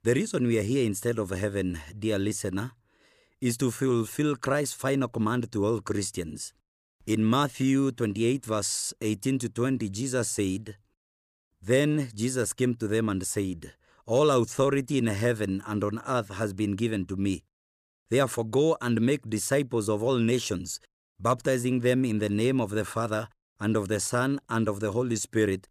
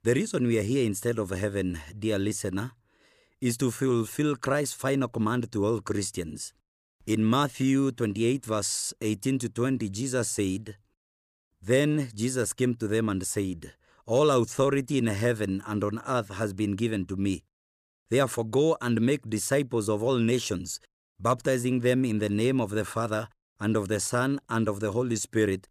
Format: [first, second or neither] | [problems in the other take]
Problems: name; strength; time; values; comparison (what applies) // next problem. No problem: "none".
neither | none